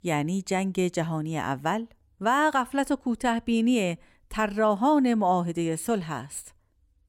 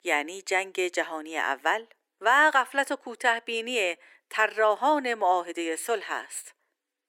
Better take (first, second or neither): first